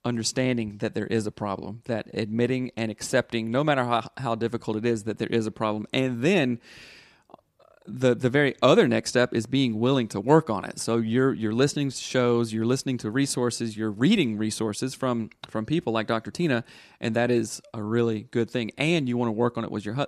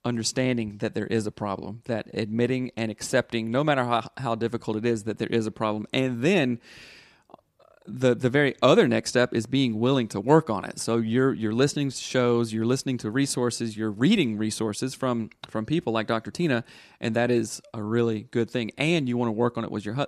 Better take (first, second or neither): neither